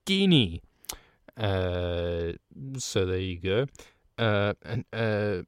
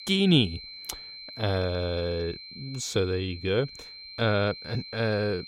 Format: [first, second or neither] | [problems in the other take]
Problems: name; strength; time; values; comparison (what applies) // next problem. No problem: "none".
first | high-pitched whine; noticeable; throughout; 4 kHz, 15 dB below the speech